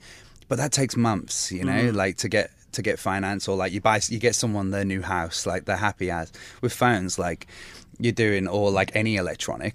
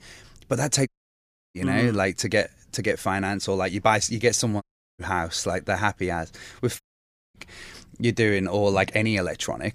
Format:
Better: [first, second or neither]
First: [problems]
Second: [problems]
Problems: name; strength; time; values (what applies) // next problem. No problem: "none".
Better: first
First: none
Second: audio cutting out; at 1 s for 0.5 s, at 4.5 s and at 7 s for 0.5 s